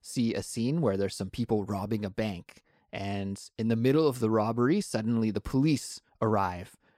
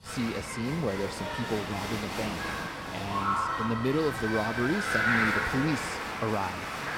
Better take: first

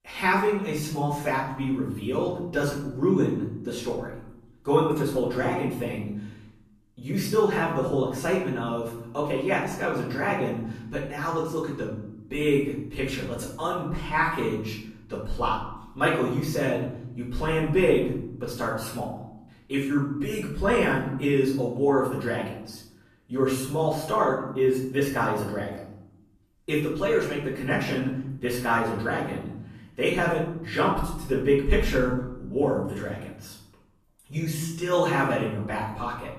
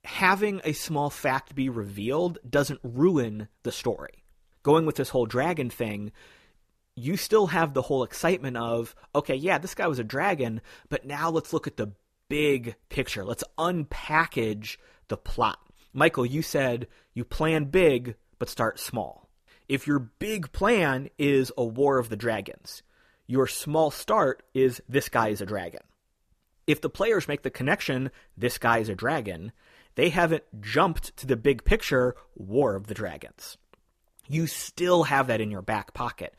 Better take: second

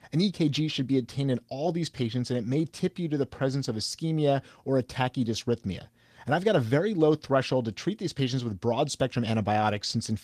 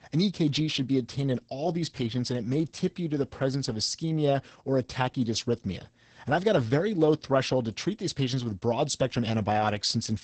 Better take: first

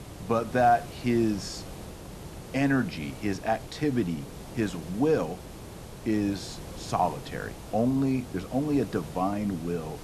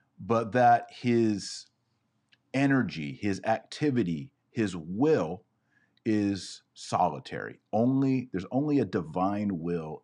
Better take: second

